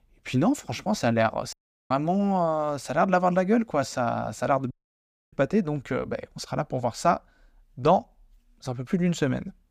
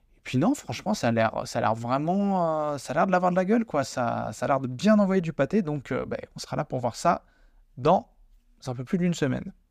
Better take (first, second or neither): second